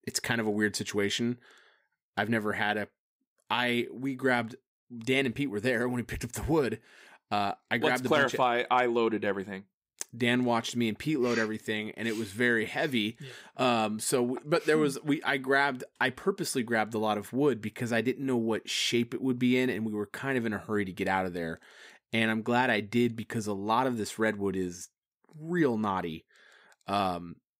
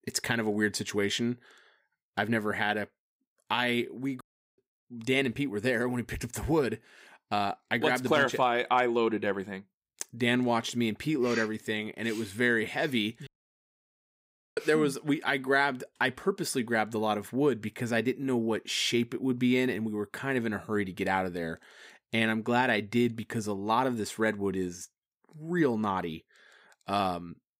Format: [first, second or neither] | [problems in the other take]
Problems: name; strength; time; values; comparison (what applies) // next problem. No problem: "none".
first | audio cutting out; at 4 s and at 13 s for 1.5 s